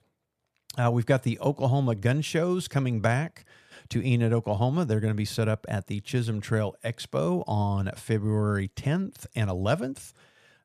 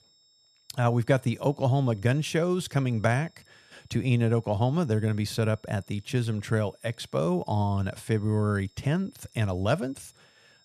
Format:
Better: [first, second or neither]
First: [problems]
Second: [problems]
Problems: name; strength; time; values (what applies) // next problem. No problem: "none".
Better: first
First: none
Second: high-pitched whine; faint; throughout; 5.5 kHz, 35 dB below the speech